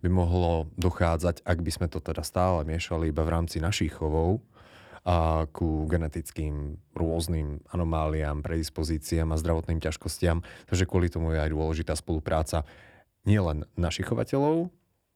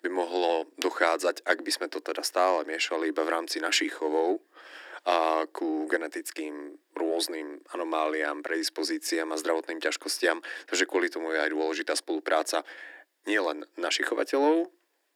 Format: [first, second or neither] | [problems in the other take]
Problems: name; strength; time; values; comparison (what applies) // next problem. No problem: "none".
first | thin; very; fading below 300 Hz